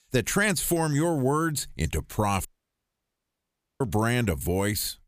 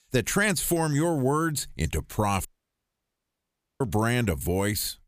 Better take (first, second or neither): neither